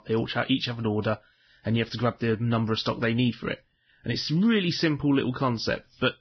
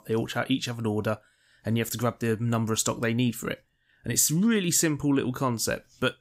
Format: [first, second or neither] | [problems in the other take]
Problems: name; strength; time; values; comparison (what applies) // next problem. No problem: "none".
second | garbled, watery; badly; nothing above 5.5 kHz